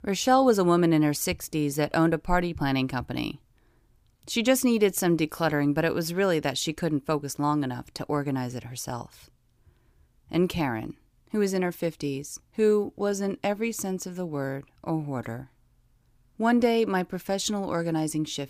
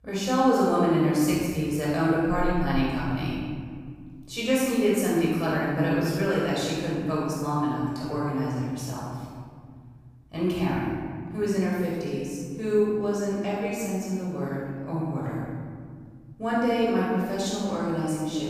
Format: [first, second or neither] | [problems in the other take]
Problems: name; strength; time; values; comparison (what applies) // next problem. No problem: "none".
first | off-mic speech; far // room echo; strong; dies away in 2.2 s